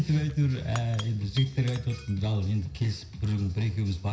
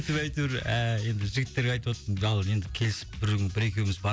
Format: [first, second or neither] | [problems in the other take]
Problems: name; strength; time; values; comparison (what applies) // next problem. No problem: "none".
second | background sound (Shatter / Crushing); 20 dB below the speech // room echo; dies away in 0.5 s